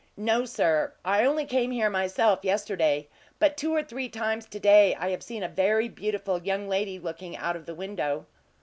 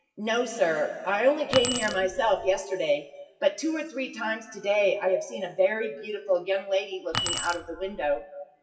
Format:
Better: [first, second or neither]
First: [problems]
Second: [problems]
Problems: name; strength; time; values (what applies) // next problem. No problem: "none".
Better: first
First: none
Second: noise reduction (classical method WPE with log-MMSE)